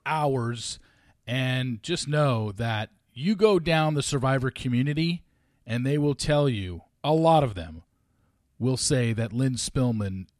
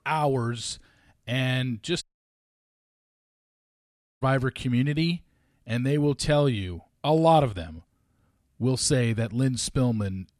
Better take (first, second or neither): first